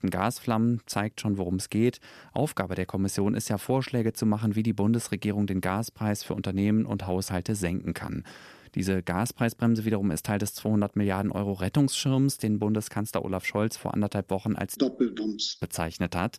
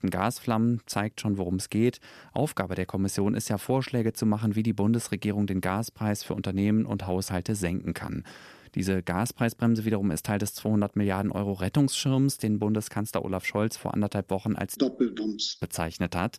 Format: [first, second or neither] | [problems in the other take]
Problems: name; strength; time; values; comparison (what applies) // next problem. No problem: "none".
neither | none